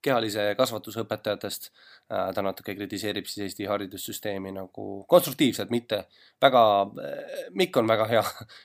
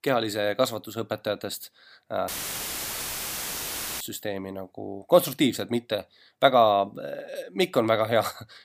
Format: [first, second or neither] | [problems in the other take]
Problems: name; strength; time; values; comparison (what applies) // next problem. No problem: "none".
first | audio cutting out; filled with static; at 2.5 s for 1.5 s